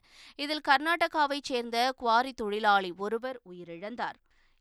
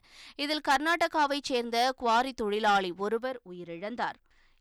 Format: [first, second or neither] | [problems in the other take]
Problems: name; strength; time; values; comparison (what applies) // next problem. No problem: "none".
first | distortion; slight; 10 dB below the speech